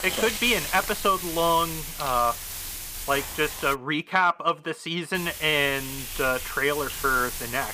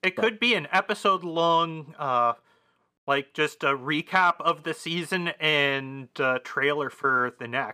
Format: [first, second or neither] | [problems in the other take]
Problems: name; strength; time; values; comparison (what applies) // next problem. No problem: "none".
second | hiss; loud; until 3.5 s and from 5 s on; 7 dB below the speech